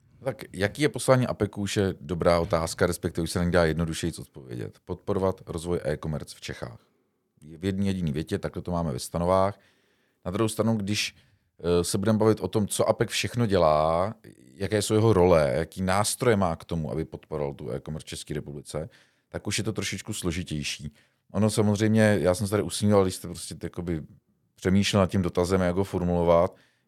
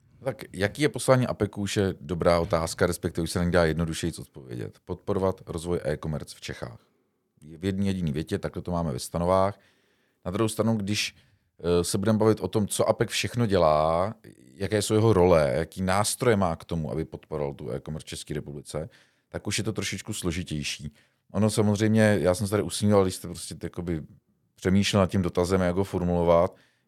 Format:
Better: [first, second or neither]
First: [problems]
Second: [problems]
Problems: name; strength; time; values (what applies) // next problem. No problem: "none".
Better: neither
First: none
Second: none